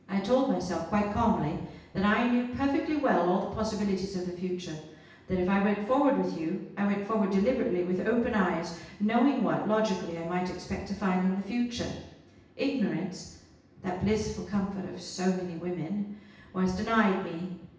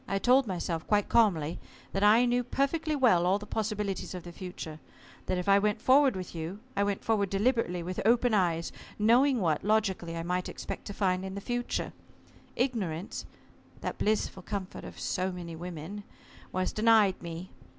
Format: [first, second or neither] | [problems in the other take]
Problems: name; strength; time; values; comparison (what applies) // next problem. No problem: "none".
second | room echo; dies away in 0.9 s